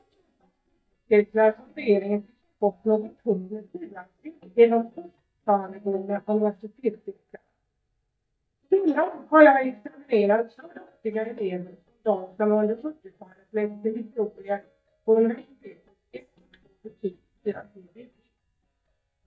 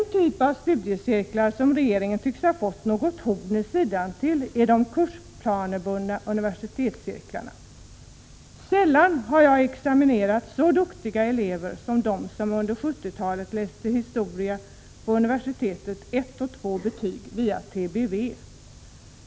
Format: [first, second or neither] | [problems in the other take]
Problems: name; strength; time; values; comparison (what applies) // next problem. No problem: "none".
second | noise reduction (neural mask model DeepFilterNet 3)